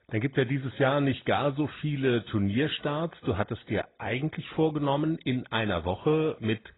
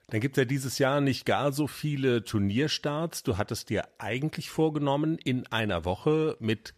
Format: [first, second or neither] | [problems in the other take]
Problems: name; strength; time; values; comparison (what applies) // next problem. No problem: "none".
second | garbled, watery; badly; nothing above 4 kHz